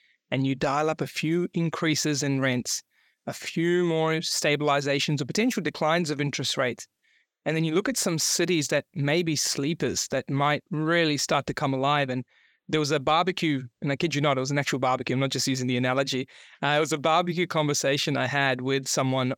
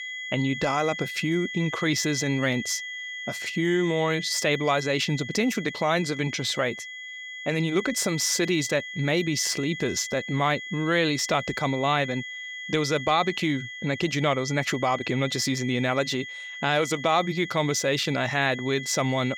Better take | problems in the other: first | high-pitched whine; loud; throughout; 2 kHz, 9 dB below the speech

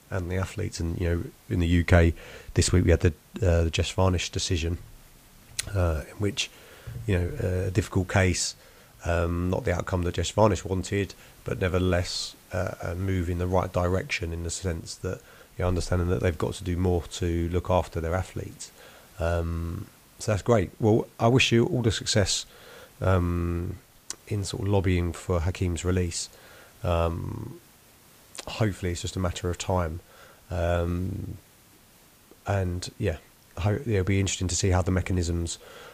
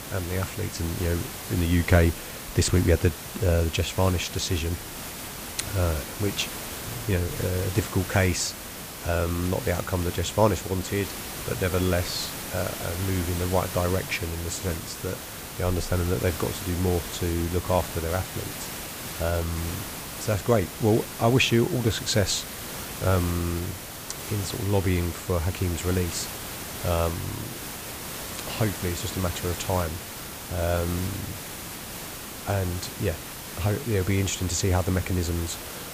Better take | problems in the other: first | hiss; loud; throughout; 7 dB below the speech; faint in the first

